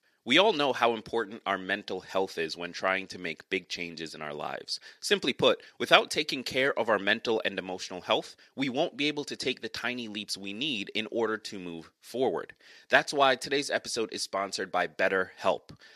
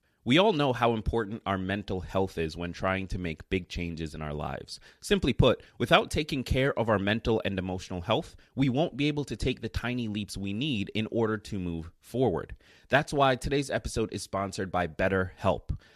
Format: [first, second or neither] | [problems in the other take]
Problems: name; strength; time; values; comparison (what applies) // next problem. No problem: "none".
second | thin; somewhat; fading below 350 Hz